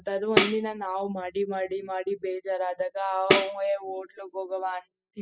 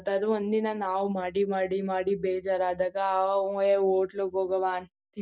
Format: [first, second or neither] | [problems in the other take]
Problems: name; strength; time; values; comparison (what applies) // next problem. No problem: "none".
second | noise reduction (classical method spectral subtraction)